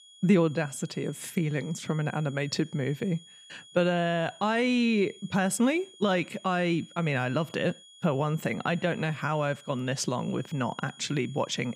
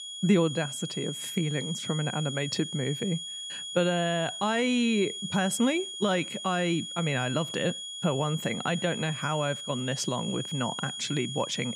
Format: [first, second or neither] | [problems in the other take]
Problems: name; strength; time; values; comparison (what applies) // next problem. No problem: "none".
first | high-pitched whine; loud; throughout; 3.5 kHz, 6 dB below the speech; faint in the first